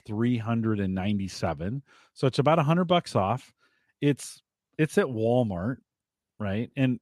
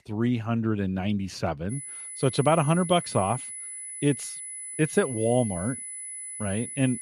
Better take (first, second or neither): first